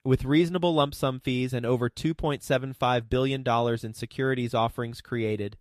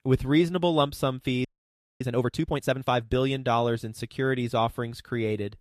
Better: first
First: none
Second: audio freezing; at 1.5 s for 0.5 s

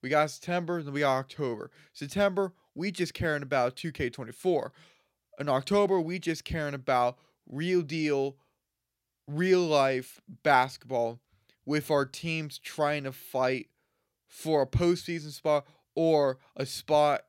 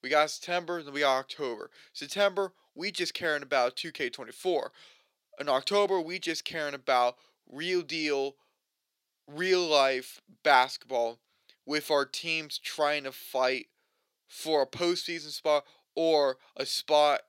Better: first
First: none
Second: thin; somewhat; fading below 400 Hz

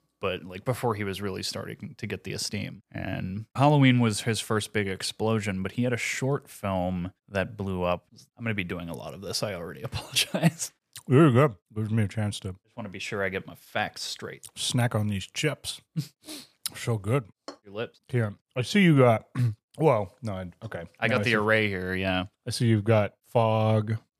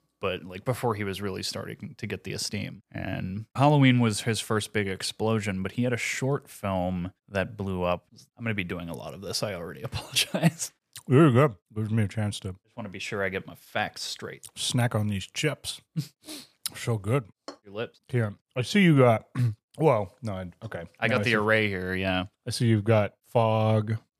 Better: neither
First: none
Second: none

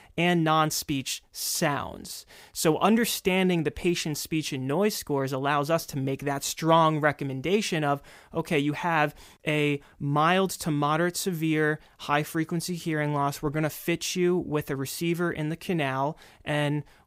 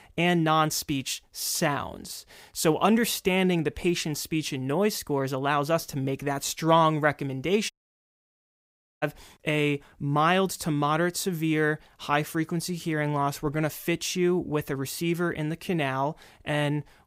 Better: first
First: none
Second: audio cutting out; at 7.5 s for 1.5 s

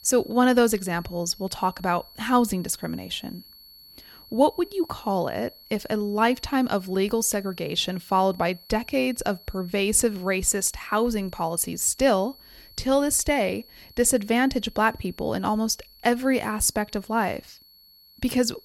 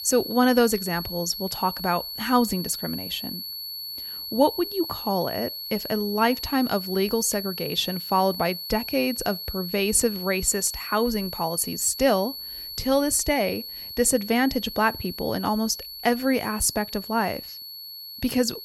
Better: first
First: high-pitched whine; faint; throughout; 4.5 kHz, 25 dB below the speech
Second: high-pitched whine; loud; throughout; 4.5 kHz, 8 dB below the speech

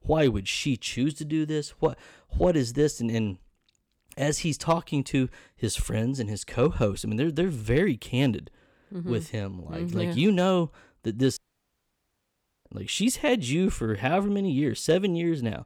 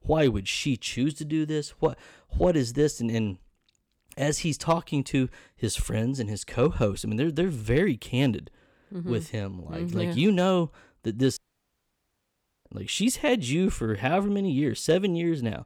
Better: neither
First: audio cutting out; at 11 s for 1.5 s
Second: audio cutting out; at 11 s for 1.5 s

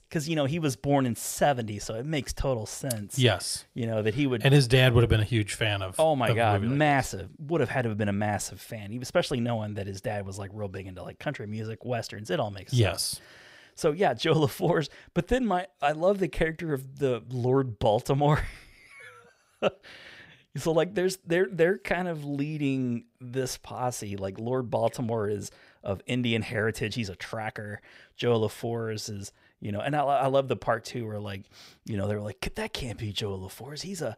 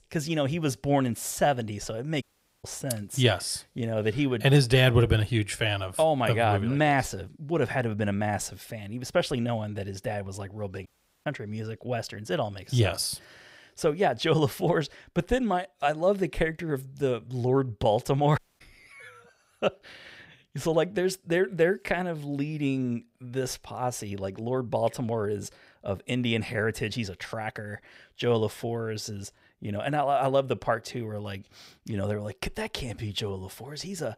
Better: first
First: none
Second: audio cutting out; at 2 s, at 11 s and at 18 s

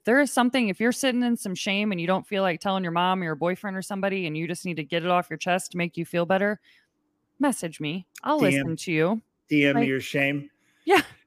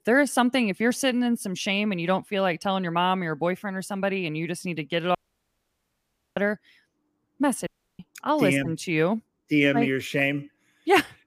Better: first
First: none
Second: audio cutting out; at 5 s for 1 s and at 7.5 s

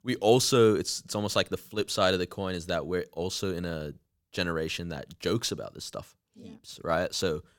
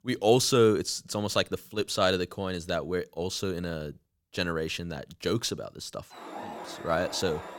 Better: first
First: none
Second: alarm; faint; from 6 s on; peak 10 dB below the speech

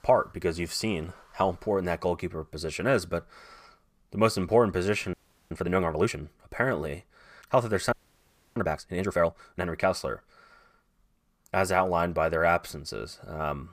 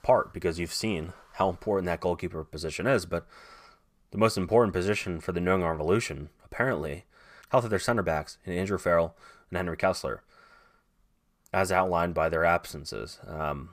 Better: second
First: audio freezing; at 5 s and at 8 s for 0.5 s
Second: none

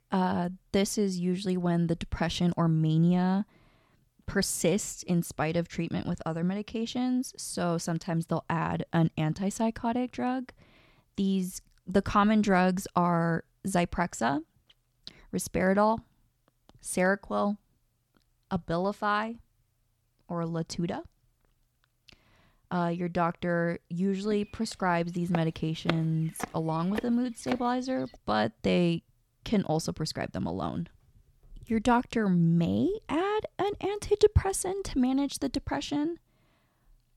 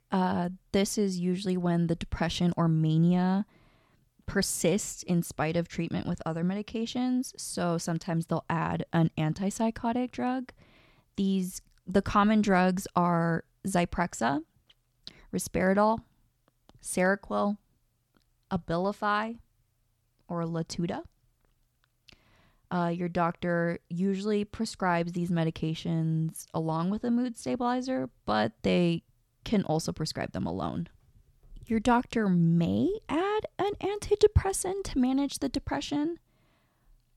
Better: second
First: footsteps; noticeable; from 24 to 28 s; peak 6 dB below the speech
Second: none

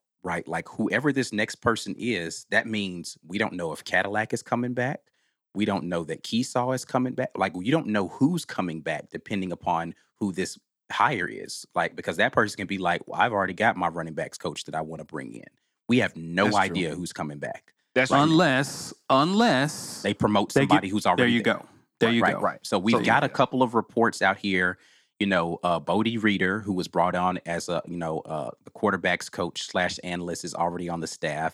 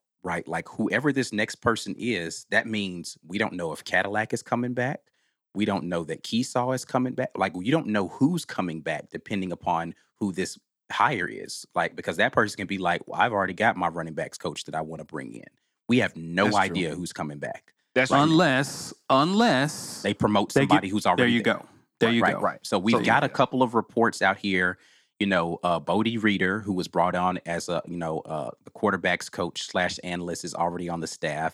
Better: neither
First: none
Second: none

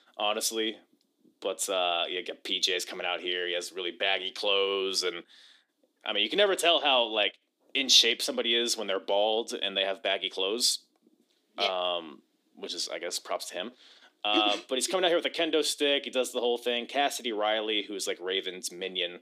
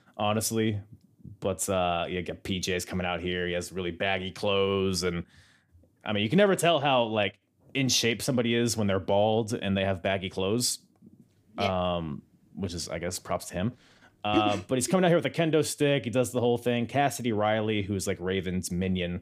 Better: second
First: thin; somewhat; fading below 300 Hz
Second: none

